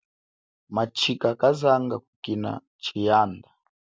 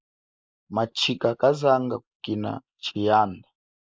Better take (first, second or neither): first